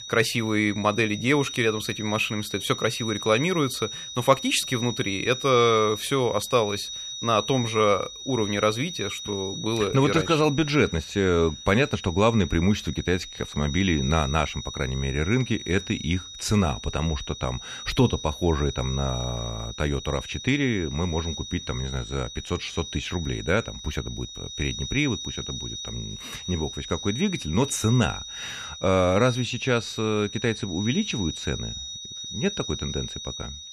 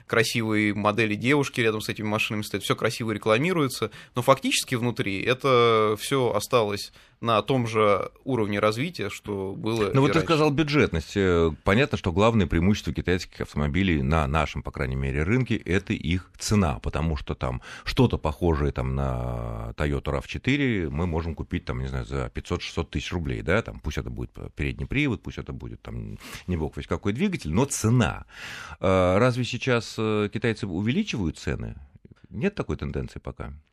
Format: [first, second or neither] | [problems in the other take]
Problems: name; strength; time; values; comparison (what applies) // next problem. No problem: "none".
second | high-pitched whine; loud; throughout; 4 kHz, 9 dB below the speech